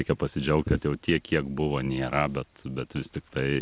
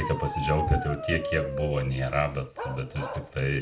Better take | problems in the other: first | background sound (Bark); 6 dB below the speech // room echo; dies away in 0.3 s

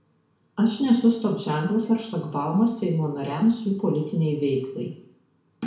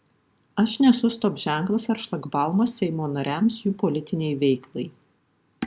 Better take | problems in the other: second | room echo; dies away in 0.6 s

